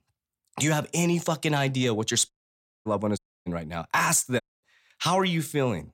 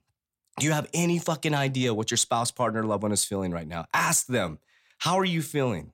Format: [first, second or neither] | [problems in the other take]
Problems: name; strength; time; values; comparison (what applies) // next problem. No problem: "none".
second | audio cutting out; at 2.5 s for 0.5 s, at 3 s and at 4.5 s